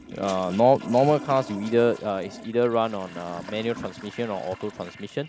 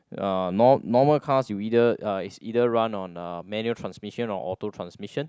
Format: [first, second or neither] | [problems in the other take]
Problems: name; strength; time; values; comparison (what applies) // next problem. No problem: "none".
second | background sound (Toilet flush); 16 dB below the speech